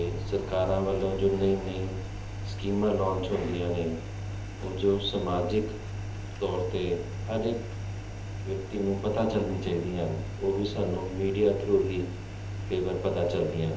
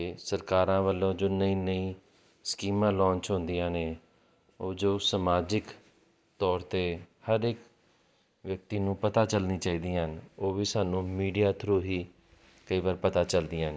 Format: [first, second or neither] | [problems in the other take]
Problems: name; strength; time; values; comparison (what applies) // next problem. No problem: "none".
second | background sound (Engine); 6 dB below the speech // room echo; dies away in 1.2 s